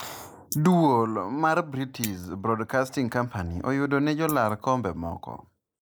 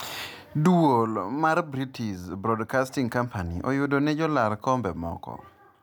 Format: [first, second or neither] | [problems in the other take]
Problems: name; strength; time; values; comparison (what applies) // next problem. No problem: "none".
second | noise reduction (neural mask model Resemble Enhance denoiser)